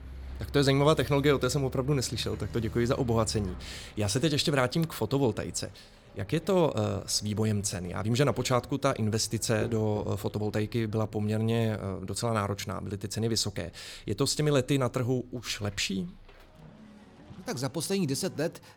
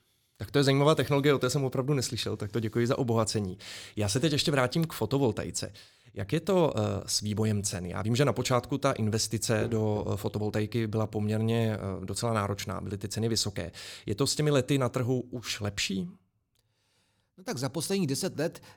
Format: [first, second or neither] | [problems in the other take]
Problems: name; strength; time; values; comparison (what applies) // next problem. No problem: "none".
second | traffic noise; noticeable; throughout; 20 dB below the speech